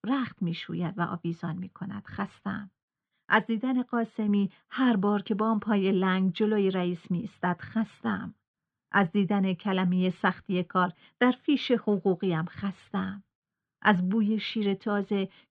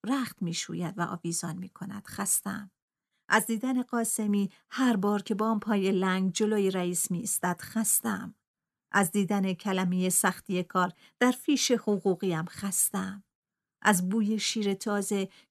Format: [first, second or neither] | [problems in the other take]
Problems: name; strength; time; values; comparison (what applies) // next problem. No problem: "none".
second | muffled; very; fading above 3.5 kHz